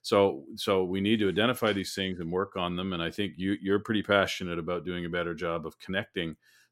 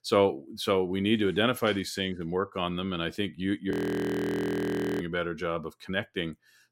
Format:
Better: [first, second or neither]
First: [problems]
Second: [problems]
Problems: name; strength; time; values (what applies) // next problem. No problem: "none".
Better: first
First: none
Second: audio freezing; at 3.5 s for 1.5 s